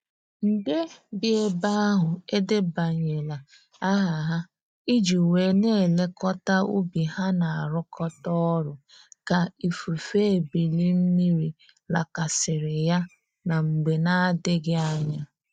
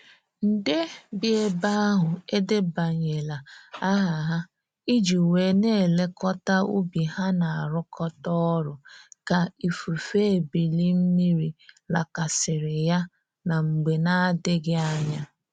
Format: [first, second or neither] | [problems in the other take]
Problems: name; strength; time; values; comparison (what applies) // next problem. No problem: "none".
second | noise reduction (neural mask model DeepFilterNet 3)